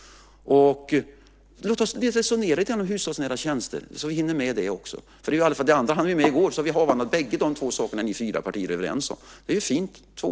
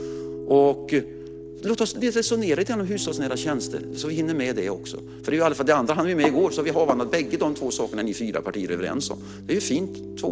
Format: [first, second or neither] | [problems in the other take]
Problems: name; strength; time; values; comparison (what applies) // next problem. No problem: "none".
first | background sound (Piano); 11 dB below the speech